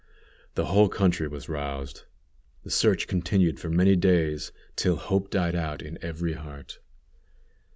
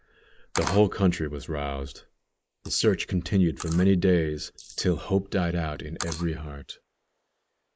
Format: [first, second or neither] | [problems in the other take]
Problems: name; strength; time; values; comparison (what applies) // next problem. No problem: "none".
first | noise reduction (neural mask model Resemble Enhance denoiser)